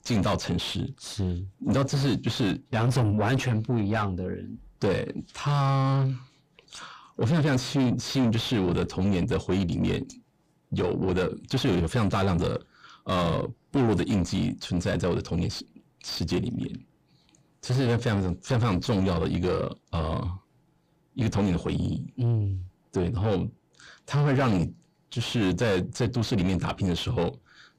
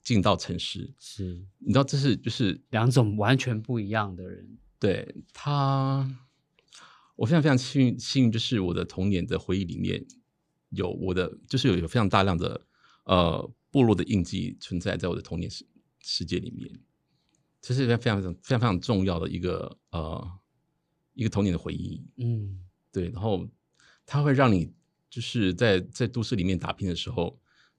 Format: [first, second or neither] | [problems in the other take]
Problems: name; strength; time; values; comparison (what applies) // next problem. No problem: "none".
second | distortion; heavy; 6 dB below the speech